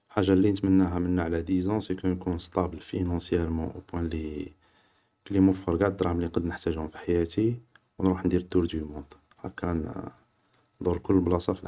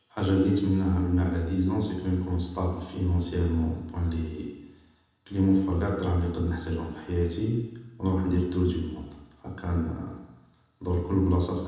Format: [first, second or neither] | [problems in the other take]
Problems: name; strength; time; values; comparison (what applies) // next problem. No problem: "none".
first | room echo; dies away in 1 s